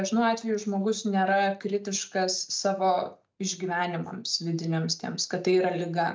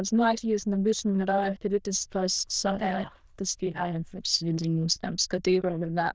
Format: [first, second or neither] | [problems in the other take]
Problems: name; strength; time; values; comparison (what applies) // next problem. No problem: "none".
first | noise reduction (neural diffusion model UNIVERSE++)